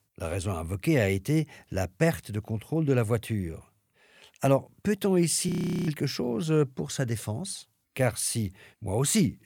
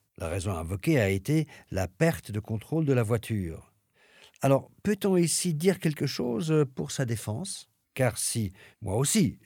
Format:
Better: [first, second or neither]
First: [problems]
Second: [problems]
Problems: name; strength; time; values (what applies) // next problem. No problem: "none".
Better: second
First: audio freezing; at 5.5 s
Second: none